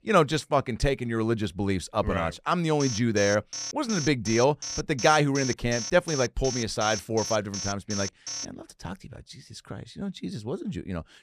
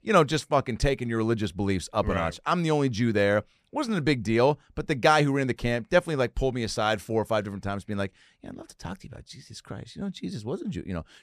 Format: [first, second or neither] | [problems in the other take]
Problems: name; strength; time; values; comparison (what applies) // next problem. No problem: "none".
second | alarm; noticeable; from 3 to 8.5 s; peak 6 dB below the speech